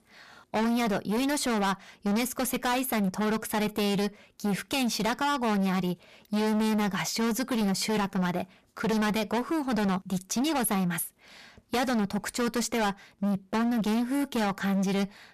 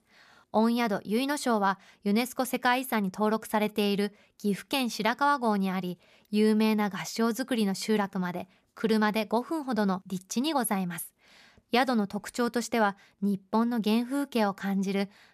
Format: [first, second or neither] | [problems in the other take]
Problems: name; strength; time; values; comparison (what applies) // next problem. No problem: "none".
second | distortion; heavy; 27% of the sound clipped